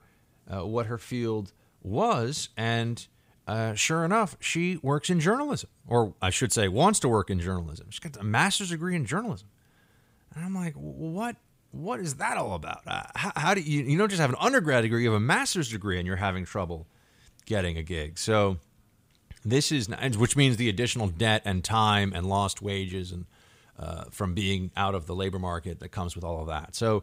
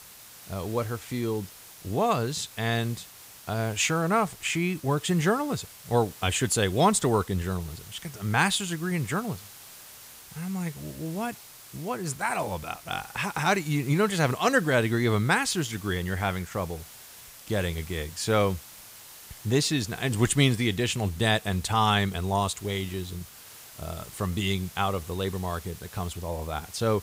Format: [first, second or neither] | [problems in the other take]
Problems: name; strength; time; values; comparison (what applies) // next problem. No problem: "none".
first | hiss; noticeable; throughout; 20 dB below the speech